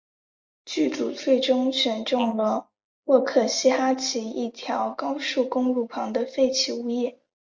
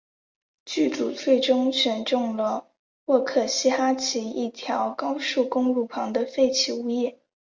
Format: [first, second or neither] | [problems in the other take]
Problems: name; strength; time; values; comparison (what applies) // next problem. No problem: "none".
second | noise reduction (neural mask model Resemble Enhance denoiser)